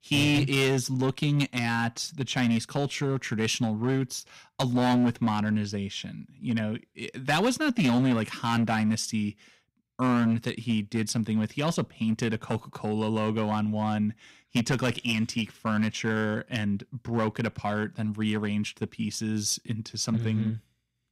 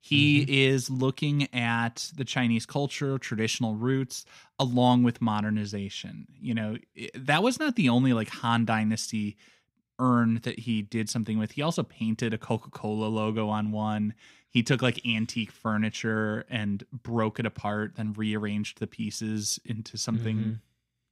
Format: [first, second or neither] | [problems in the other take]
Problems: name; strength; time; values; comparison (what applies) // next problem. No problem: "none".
second | distortion; slight; 6% of the sound clipped